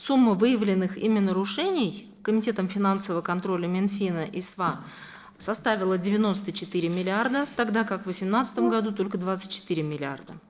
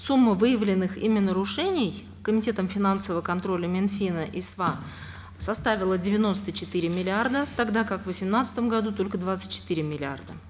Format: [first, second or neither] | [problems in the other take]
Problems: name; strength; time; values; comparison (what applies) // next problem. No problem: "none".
second | noise reduction (neural separator model SepFormer DNS4)